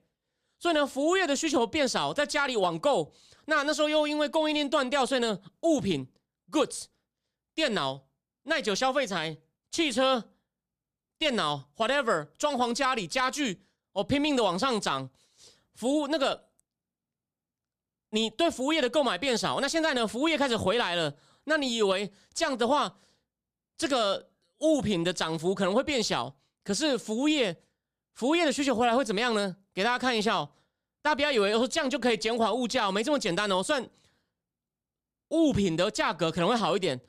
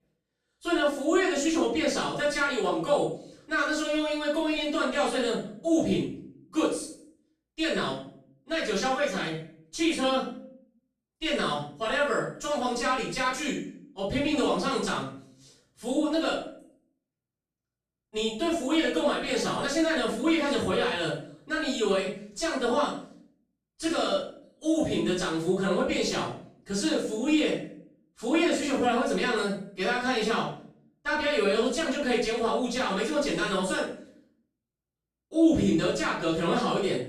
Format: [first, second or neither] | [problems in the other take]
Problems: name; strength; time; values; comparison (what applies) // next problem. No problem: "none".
first | off-mic speech; far // room echo; noticeable; dies away in 0.5 s